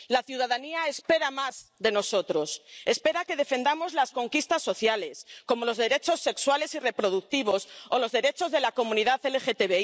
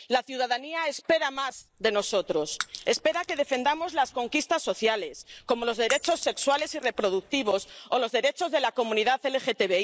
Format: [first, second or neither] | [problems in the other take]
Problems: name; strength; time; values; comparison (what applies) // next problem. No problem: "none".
first | noise reduction (neural mask model Resemble Enhance denoiser)